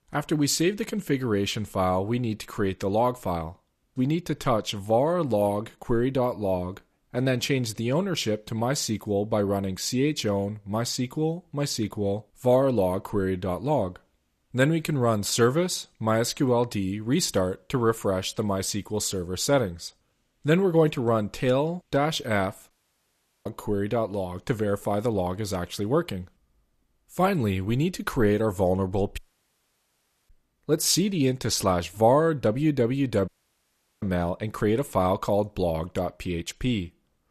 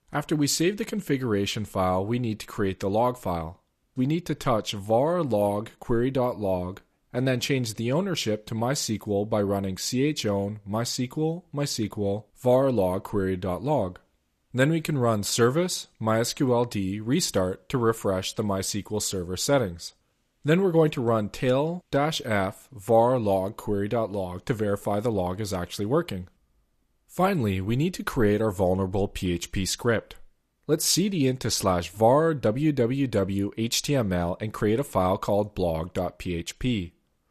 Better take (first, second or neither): second